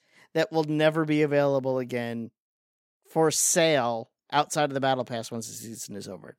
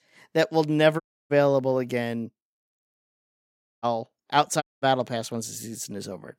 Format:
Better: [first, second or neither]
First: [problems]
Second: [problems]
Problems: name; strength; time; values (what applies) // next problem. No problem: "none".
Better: first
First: none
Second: audio cutting out; at 1 s, at 3 s for 1 s and at 4.5 s